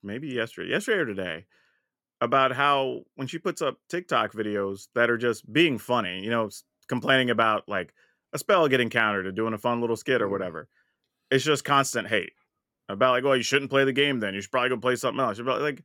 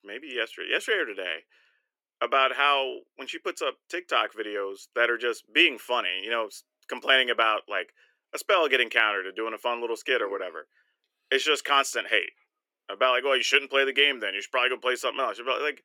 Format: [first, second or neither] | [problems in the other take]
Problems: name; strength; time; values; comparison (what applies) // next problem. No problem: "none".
first | thin; somewhat; fading below 350 Hz